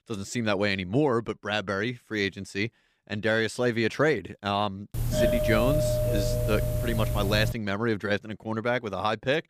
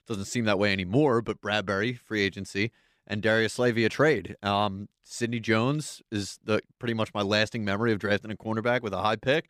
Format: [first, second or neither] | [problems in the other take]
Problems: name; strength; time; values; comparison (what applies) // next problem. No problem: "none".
second | doorbell; loud; from 5 to 7.5 s; peak 4 dB above the speech